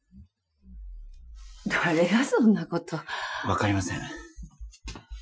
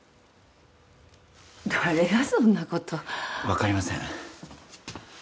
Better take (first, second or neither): second